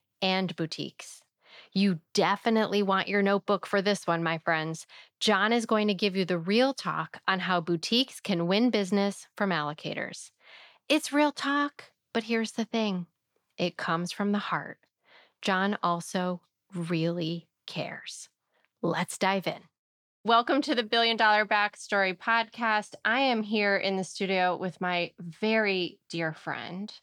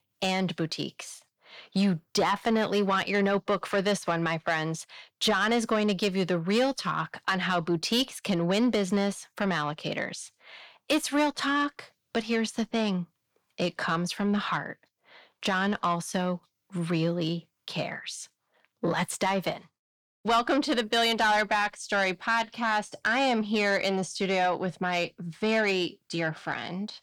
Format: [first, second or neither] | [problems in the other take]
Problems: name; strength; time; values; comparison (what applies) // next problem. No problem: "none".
first | distortion; slight; 10 dB below the speech